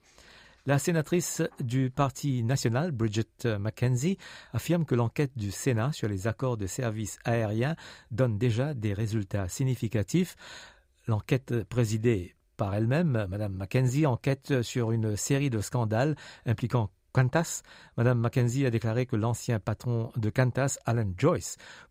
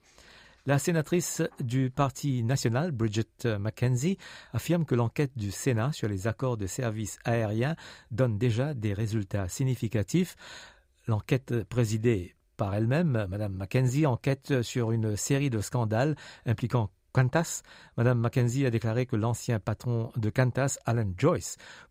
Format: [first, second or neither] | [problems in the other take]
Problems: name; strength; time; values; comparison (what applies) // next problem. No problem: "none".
neither | none